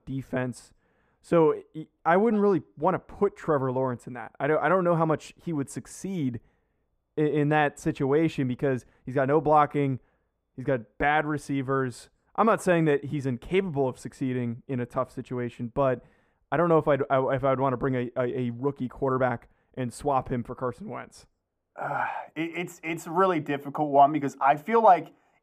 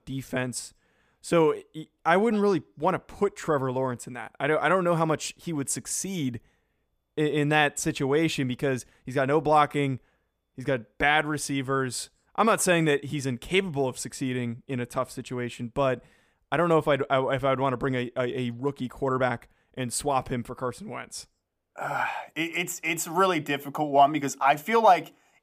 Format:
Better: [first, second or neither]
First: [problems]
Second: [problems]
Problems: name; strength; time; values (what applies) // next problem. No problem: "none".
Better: second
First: muffled; slightly; fading above 2 kHz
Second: none